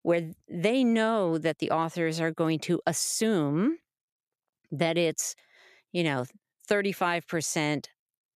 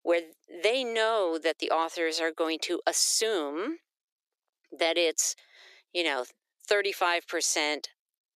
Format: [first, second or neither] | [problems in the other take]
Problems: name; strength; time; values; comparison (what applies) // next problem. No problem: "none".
first | thin; very; fading below 350 Hz